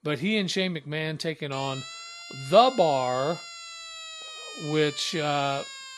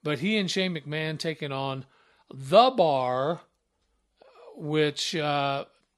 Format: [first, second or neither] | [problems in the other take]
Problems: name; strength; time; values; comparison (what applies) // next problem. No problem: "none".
second | siren; faint; from 1.5 s on; peak 10 dB below the speech